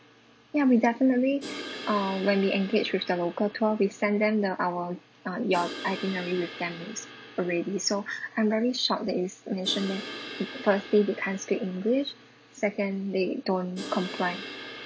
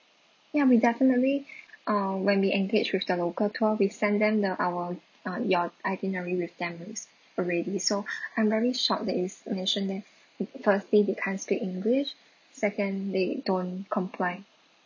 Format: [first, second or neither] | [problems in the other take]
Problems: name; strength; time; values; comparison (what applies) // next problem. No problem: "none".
second | background sound (Crash cymbal); 15 dB below the speech